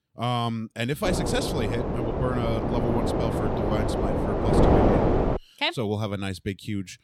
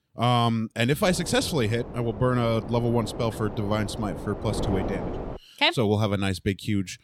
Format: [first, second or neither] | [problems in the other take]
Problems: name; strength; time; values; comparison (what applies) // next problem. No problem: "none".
second | wind noise on the microphone; heavy; from 1 to 5.5 s; 4 dB above the speech; occasional gusts in the second